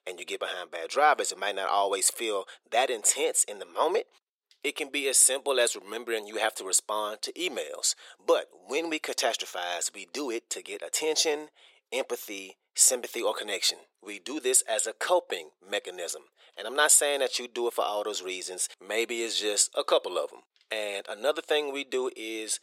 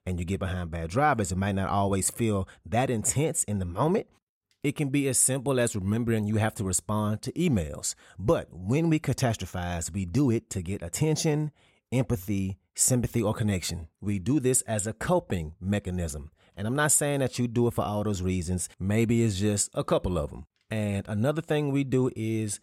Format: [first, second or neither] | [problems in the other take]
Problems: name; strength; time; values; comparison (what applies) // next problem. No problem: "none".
second | thin; very; fading below 400 Hz